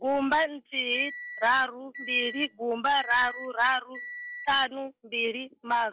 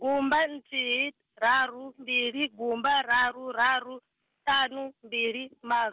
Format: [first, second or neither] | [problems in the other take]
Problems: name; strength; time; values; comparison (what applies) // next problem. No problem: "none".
second | noise reduction (classical method log-MMSE)